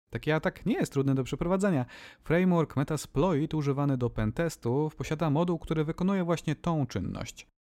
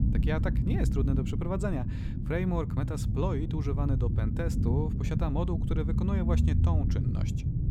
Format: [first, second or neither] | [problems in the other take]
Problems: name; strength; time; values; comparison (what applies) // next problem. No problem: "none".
first | low rumble; loud; throughout; 5 dB below the speech